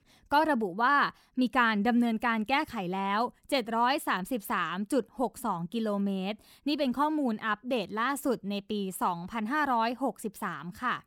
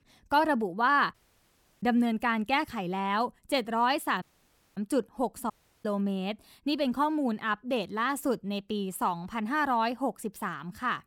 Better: first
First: none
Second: audio cutting out; at 1 s for 0.5 s, at 4 s for 0.5 s and at 5.5 s

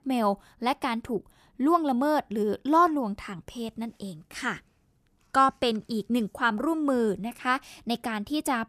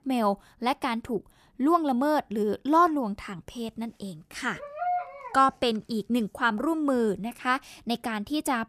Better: first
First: none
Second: dog barking; noticeable; at 4.5 s; peak 3 dB below the speech

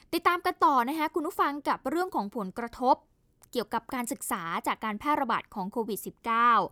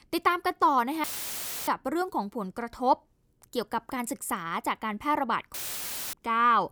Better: first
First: none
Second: audio cutting out; filled with static; at 1 s for 0.5 s and at 5.5 s for 0.5 s

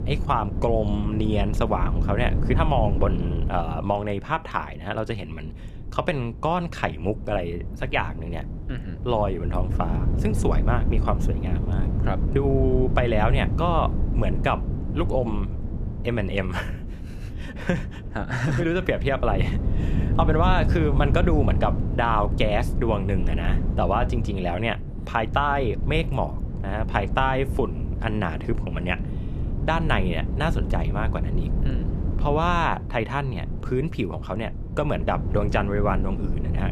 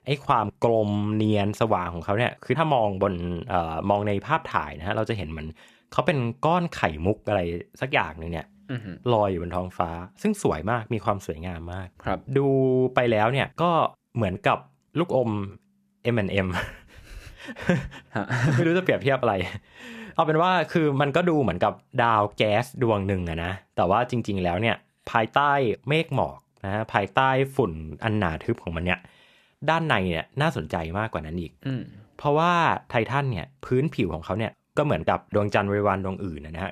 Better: second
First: wind noise on the microphone; occasional gusts; 10 dB below the speech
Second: none

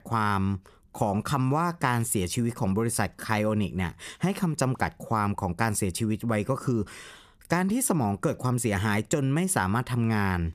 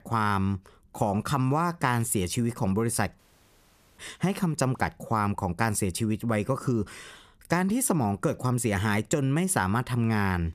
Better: first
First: none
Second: audio cutting out; at 3 s for 1 s

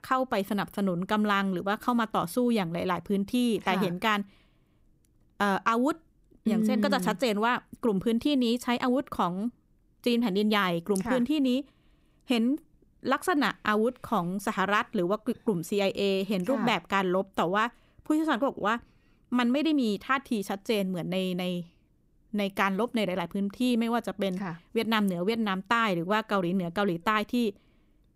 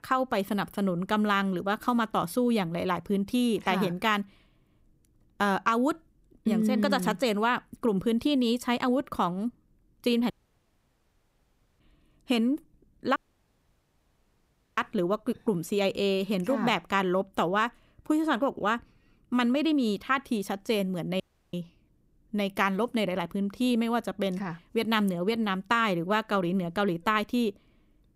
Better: first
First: none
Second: audio cutting out; at 10 s for 1.5 s, at 13 s for 1.5 s and at 21 s

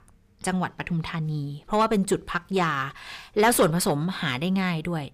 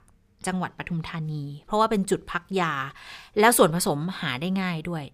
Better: second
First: distortion; slight; 10 dB below the speech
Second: none

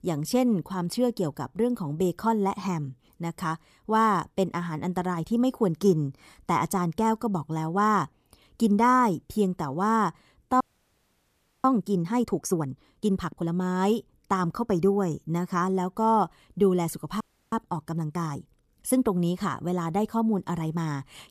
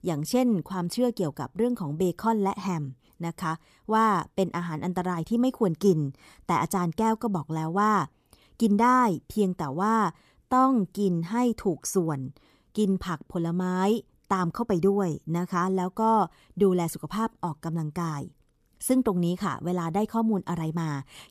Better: second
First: audio freezing; at 11 s for 1 s and at 17 s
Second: none

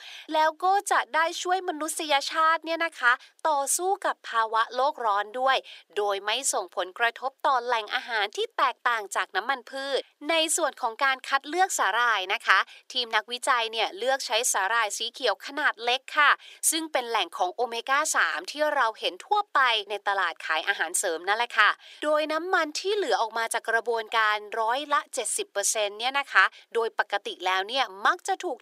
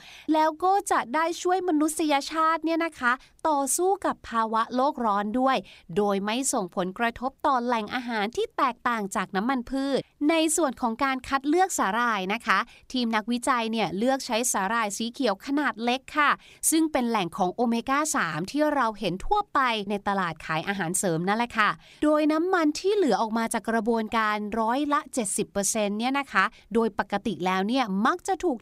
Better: second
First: thin; very; fading below 400 Hz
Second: none

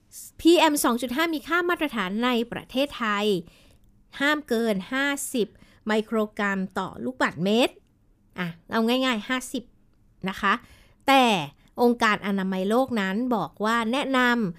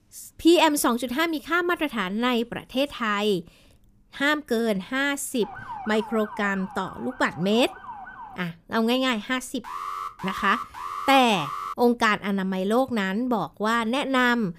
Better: first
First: none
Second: siren; faint; from 5.5 to 8.5 s; peak 10 dB below the speech // alarm; noticeable; from 9.5 to 12 s; peak 8 dB below the speech

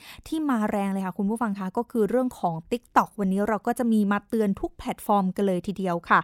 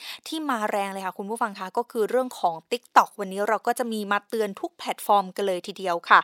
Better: first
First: none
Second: thin; somewhat; fading below 450 Hz

